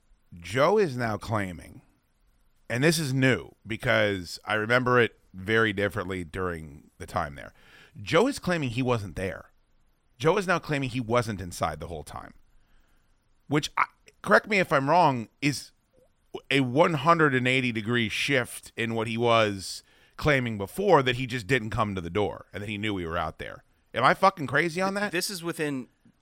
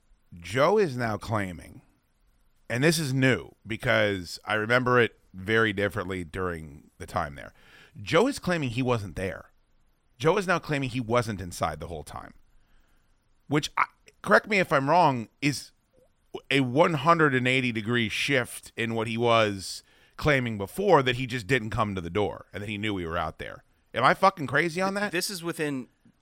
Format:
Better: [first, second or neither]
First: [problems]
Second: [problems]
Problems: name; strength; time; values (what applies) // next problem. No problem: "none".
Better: neither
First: none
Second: none